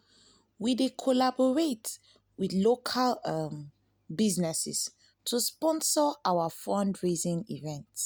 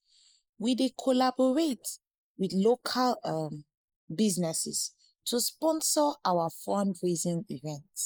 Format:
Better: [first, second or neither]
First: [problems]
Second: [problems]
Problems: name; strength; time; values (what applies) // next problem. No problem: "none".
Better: first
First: none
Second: noise reduction (neural mask model Resemble Enhance denoiser)